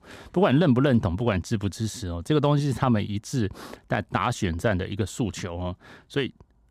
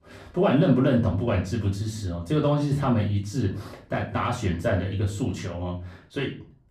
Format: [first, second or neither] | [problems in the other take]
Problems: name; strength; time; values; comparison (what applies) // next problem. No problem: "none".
first | off-mic speech; far // room echo; slight; dies away in 0.3 s